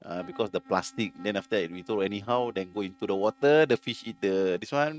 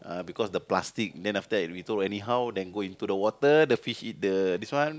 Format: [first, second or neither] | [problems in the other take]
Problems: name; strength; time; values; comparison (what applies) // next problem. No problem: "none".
second | noise reduction (neural mask model RNNoise)